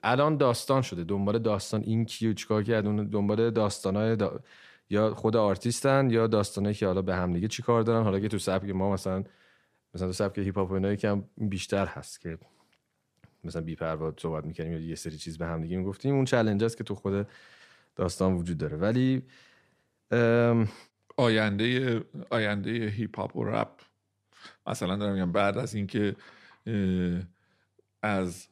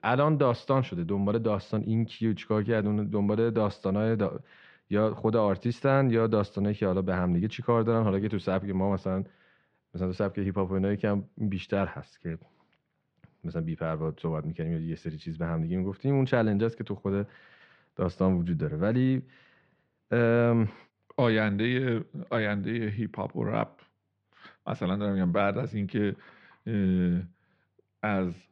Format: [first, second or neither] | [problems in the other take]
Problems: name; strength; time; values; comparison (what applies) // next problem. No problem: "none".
first | muffled; slightly; fading above 3 kHz